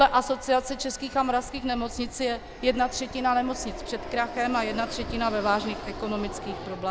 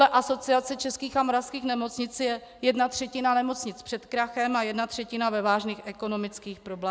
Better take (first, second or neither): second